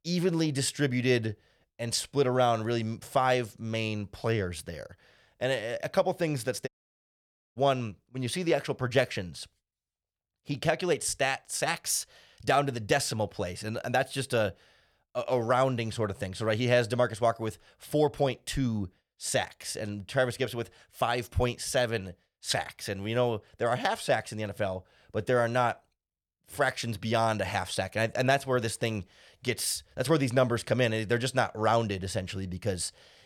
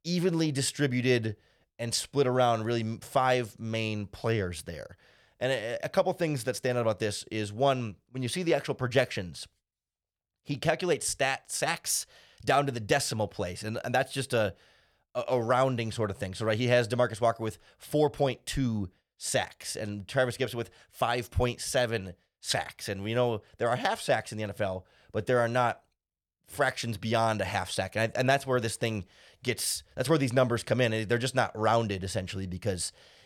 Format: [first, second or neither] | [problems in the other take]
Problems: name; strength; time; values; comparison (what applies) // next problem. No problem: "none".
second | audio cutting out; at 6.5 s for 1 s